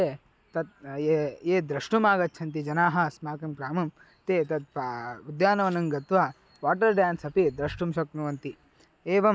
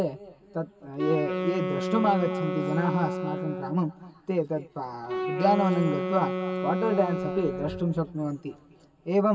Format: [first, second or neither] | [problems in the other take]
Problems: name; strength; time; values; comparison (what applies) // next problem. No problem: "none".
first | background sound (Wind instrument, woodwind instrument); 3 dB below the speech // room echo; dies away in 2.4 s